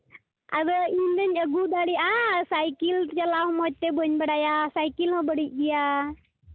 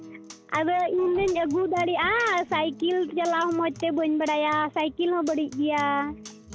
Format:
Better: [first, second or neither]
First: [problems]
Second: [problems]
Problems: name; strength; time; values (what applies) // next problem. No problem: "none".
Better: first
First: none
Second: background sound (Printer + Acoustic guitar); 18 dB below the speech